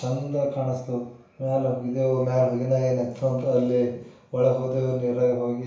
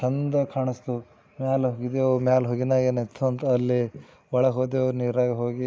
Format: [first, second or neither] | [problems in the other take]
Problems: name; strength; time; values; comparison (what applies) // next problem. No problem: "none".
second | room echo; dies away in 0.7 s